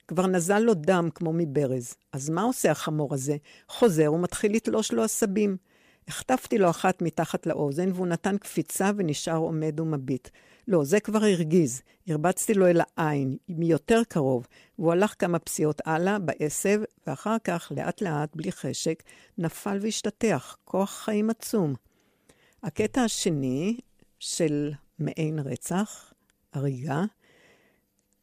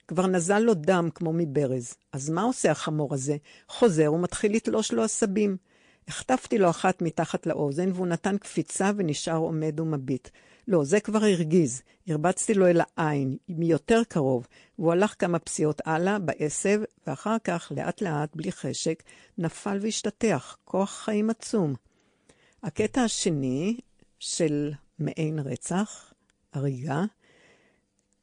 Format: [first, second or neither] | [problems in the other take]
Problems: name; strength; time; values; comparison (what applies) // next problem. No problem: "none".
first | garbled, watery; slightly; nothing above 9 kHz